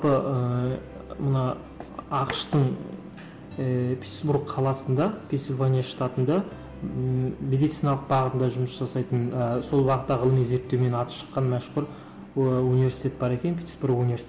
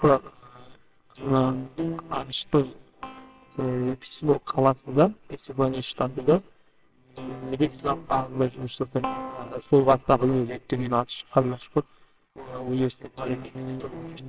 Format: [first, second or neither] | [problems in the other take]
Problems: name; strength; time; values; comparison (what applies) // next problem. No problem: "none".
first | noise reduction (neural separator model SepFormer WHAMR!)